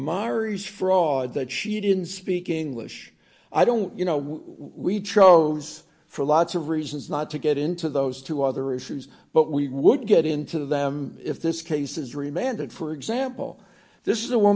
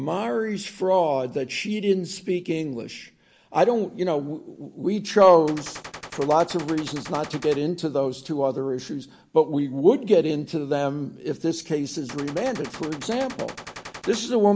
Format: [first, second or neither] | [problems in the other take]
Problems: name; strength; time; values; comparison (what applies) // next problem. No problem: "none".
first | background sound (Gunshot, gunfire); 15 dB below the speech